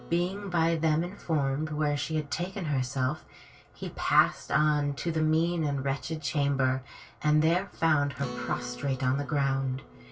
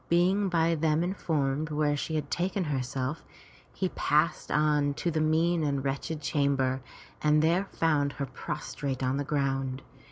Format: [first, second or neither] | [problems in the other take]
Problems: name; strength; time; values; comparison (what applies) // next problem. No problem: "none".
second | background sound (Acoustic guitar); 20 dB below the speech // room echo; dies away in 0.2 s